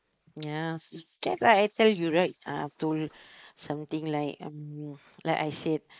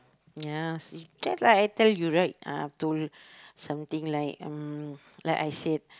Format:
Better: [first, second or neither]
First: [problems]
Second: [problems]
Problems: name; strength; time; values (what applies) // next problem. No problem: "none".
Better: second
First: noise reduction (neural mask model Resemble Enhance denoiser)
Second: none